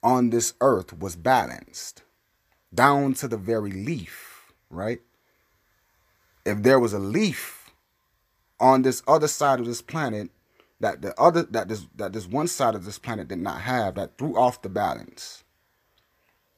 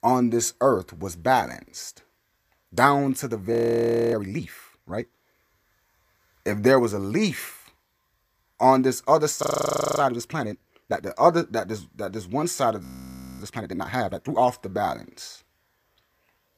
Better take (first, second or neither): first